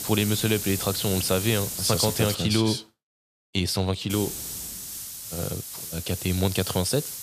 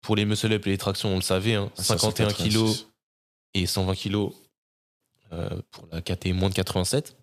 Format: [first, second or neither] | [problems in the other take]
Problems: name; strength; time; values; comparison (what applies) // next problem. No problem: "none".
second | hiss; loud; until 2.5 s and from 4 s on; 6 dB below the speech